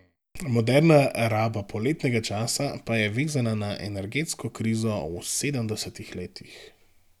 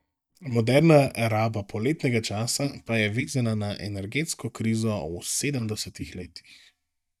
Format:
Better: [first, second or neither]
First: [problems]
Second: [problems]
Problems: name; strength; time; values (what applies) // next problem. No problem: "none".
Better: first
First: none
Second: noise reduction (neural mask model DeepFilterNet 3)